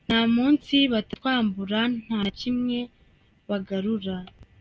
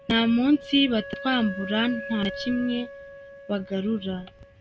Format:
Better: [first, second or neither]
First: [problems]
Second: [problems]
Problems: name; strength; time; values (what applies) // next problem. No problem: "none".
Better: first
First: none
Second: background sound (Wind instrument, woodwind instrument); 14 dB below the speech